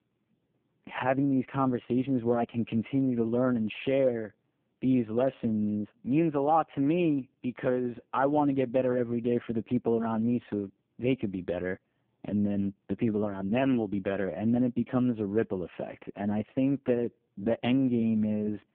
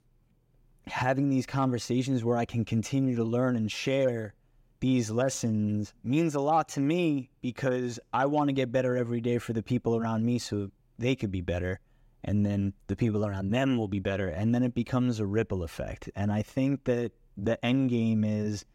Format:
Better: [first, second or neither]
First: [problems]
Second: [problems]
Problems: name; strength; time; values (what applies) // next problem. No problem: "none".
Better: second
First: phone-call audio; poor line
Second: none